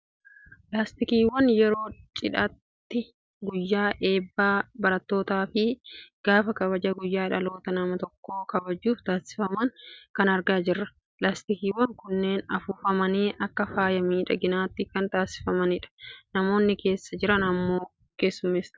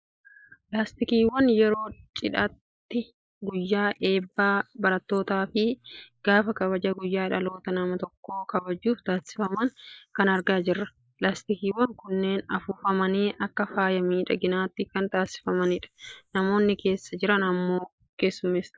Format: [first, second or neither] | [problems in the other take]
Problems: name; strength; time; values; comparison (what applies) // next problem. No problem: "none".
first | noise reduction (neural mask model Resemble Enhance denoiser)